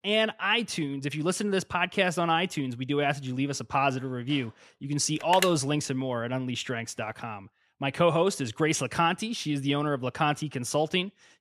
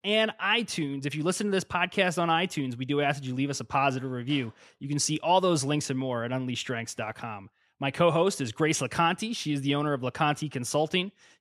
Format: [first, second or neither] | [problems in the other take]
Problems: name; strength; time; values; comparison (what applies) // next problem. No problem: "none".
second | phone ringing; noticeable; at 5 s; peak 3 dB below the speech